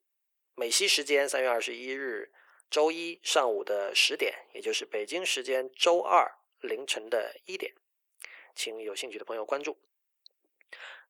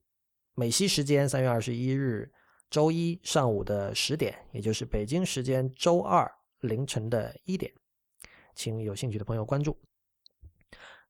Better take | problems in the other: second | thin; very; fading below 350 Hz

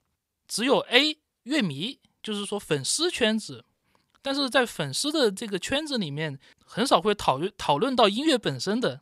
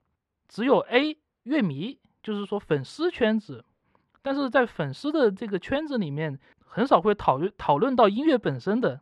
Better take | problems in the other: first | muffled; very; fading above 4 kHz

